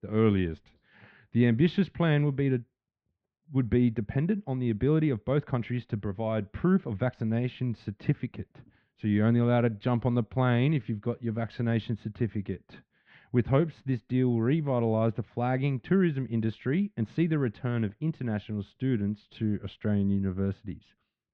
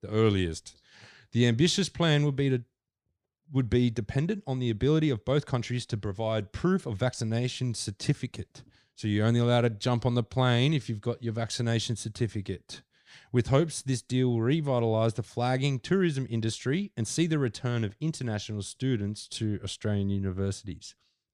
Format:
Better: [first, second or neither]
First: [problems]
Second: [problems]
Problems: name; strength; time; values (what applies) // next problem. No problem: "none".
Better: second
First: muffled; very; fading above 2.5 kHz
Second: none